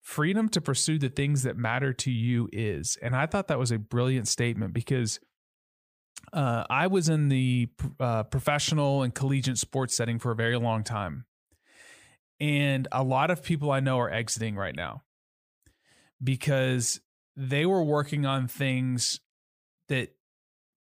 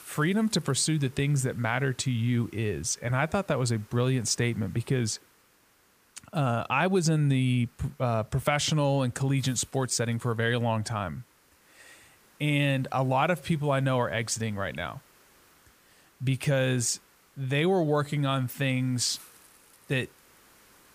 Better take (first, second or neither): first